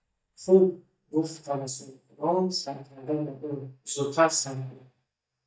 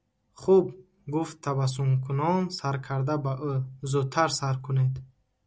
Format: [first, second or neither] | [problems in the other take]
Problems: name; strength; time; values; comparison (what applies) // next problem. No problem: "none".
second | noise reduction (neural mask model DeepFilterNet 3)